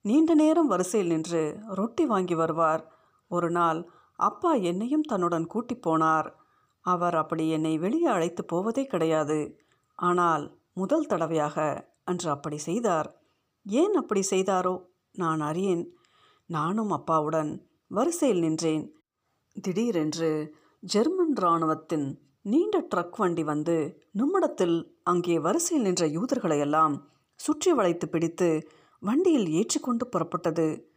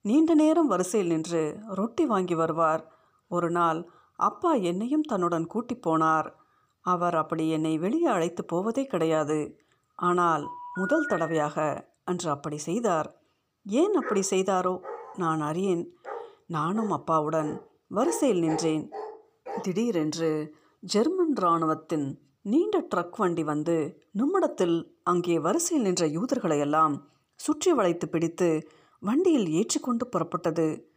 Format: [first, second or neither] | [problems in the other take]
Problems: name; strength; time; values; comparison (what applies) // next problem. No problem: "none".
first | phone ringing; noticeable; from 10 to 11 s; peak 5 dB below the speech // dog barking; noticeable; from 14 to 20 s; peak 9 dB below the speech